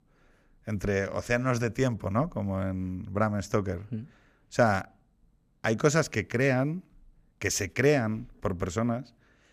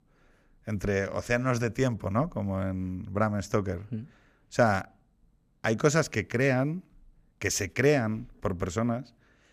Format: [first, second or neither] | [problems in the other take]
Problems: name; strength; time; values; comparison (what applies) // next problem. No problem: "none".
neither | none